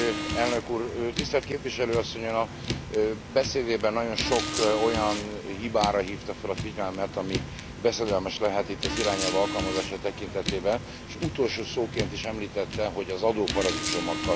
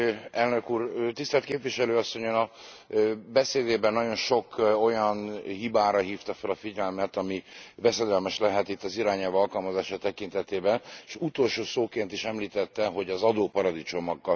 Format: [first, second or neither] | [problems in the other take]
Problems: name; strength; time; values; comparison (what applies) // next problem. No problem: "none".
second | background sound (Car); 5 dB below the speech